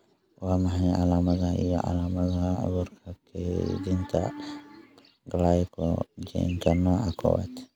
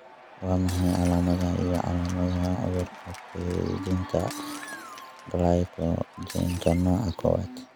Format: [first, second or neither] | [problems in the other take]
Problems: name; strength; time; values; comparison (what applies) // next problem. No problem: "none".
first | background sound (Applause / Cheering + Shatter); 16 dB below the speech